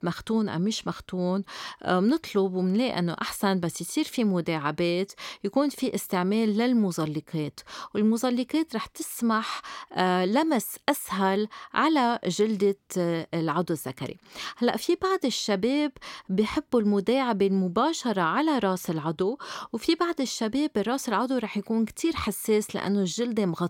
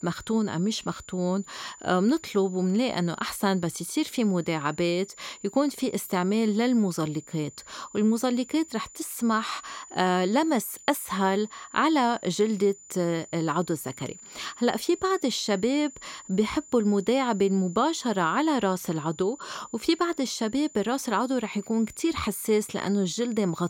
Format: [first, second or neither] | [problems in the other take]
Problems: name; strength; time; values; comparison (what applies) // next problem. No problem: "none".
first | high-pitched whine; noticeable; throughout; 7 kHz, 20 dB below the speech